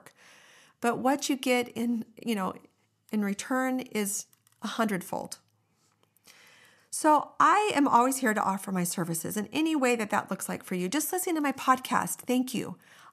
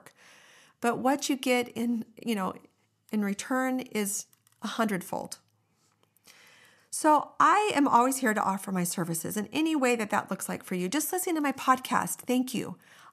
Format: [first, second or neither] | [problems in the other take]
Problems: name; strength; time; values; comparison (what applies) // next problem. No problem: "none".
neither | none